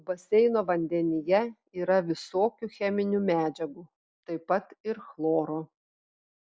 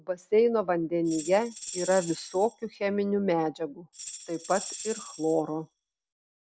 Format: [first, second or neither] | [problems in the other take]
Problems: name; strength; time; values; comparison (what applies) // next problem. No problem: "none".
first | background sound (Tambourine); 13 dB below the speech